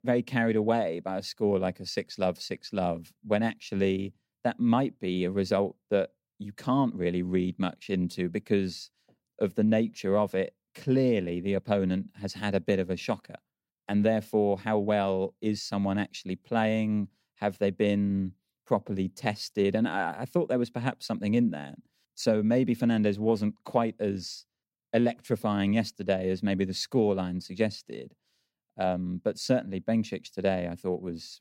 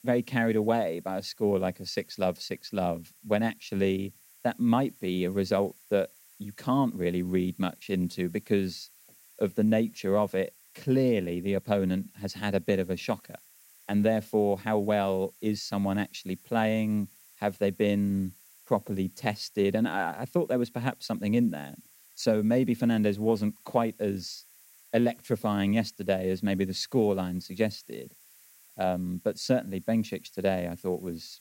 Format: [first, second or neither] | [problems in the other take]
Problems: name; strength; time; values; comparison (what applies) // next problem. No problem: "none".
first | hiss; faint; throughout; 25 dB below the speech